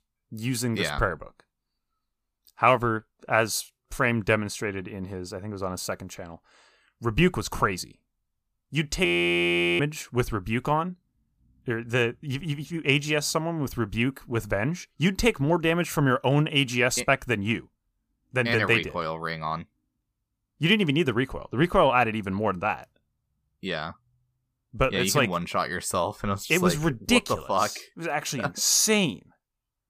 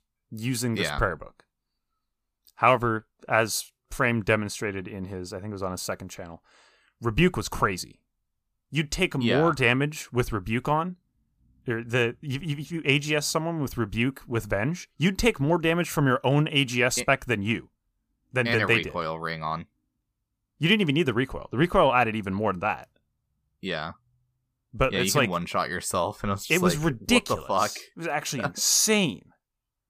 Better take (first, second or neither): second